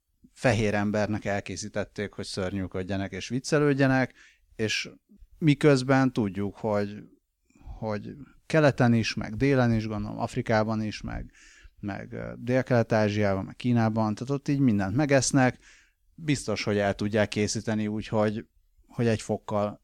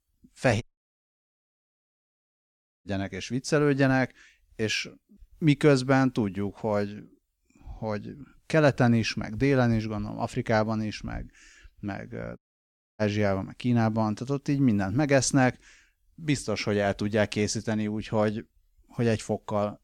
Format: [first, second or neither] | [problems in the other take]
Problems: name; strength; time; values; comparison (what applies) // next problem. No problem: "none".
first | audio cutting out; at 0.5 s for 2 s and at 12 s for 0.5 s